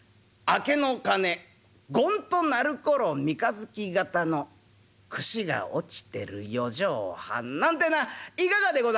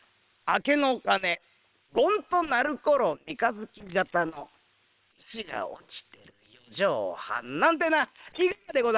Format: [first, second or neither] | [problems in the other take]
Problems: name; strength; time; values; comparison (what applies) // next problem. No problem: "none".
first | noise reduction (neural separator model SepFormer WHAM!)